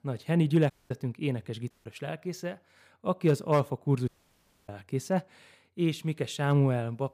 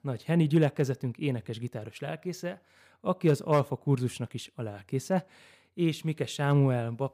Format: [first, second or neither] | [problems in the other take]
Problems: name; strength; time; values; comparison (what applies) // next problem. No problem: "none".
second | audio cutting out; at 0.5 s, at 1.5 s and at 4 s for 0.5 s